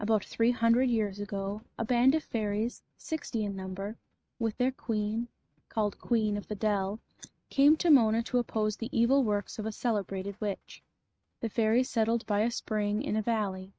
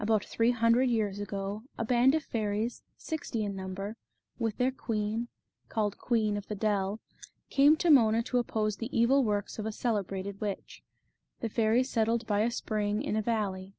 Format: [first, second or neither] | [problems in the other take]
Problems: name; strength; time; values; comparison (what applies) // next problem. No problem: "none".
second | noise reduction (neural mask model RNNoise)